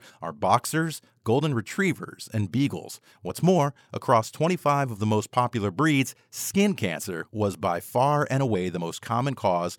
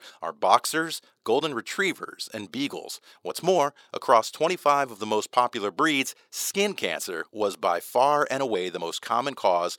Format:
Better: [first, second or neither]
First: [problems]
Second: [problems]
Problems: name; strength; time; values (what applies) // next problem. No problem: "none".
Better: first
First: none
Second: thin; somewhat; fading below 400 Hz